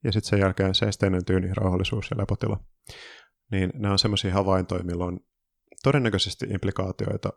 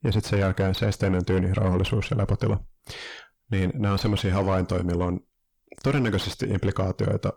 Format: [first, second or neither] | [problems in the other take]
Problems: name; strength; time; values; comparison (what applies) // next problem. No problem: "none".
first | distortion; heavy; 6 dB below the speech